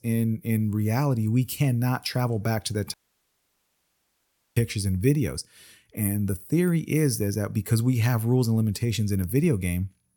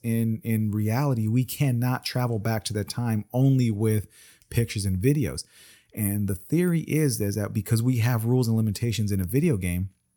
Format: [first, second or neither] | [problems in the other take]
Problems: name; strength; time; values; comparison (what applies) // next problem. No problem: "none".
second | audio cutting out; at 3 s for 1.5 s